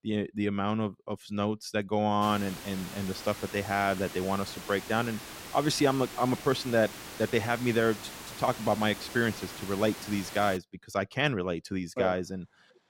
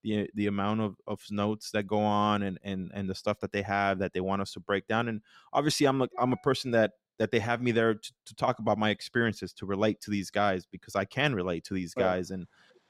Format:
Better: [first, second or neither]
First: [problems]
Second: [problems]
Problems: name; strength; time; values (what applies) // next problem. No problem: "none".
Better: second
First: hiss; noticeable; from 2 to 11 s; 10 dB below the speech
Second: none